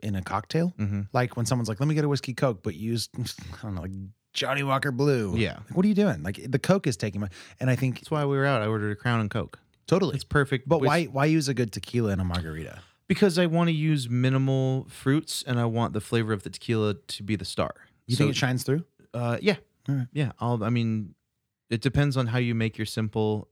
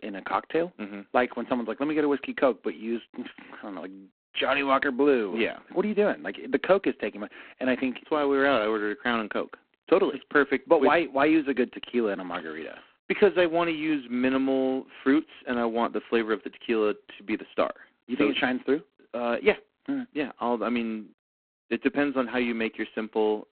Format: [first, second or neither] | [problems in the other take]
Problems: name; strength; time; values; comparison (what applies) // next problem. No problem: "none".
first | phone-call audio; poor line